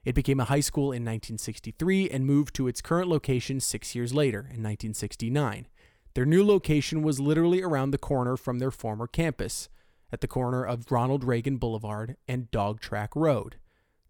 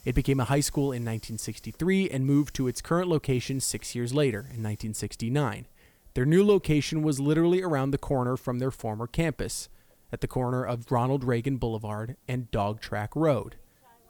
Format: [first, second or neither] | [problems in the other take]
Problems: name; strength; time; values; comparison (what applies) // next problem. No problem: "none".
first | hiss; faint; throughout; 30 dB below the speech